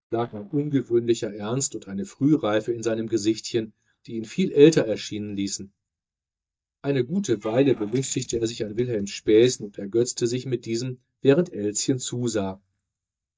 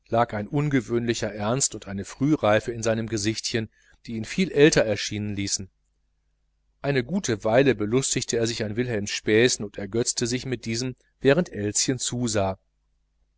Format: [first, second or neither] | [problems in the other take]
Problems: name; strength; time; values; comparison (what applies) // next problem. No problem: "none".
second | noise reduction (neural mask model DeepFilterNet 3)